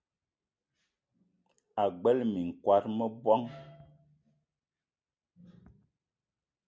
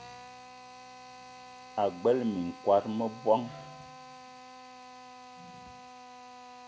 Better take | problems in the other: first | background sound (Drill); 15 dB below the speech

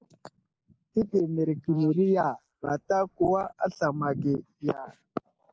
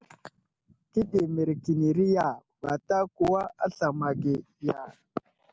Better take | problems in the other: second | noise reduction (neural mask model Resemble Enhance denoiser)

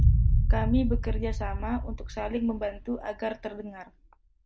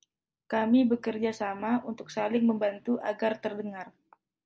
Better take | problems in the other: second | background sound (Boom); 5 dB above the speech

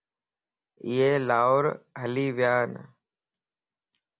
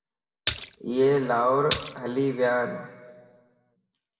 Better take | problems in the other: first | background sound (Splash, splatter); 8 dB below the speech // room echo; dies away in 1.5 s

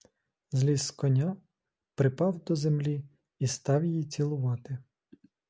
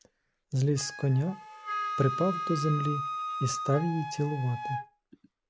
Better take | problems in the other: first | background sound (Wind instrument, woodwind instrument); 6 dB below the speech

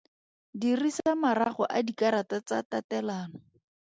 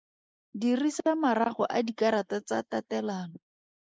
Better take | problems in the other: first | noise reduction (neural mask model Resemble Enhance denoiser)

